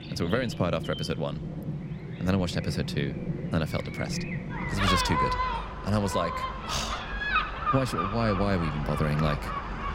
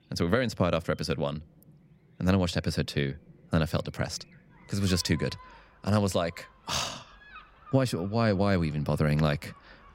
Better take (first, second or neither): second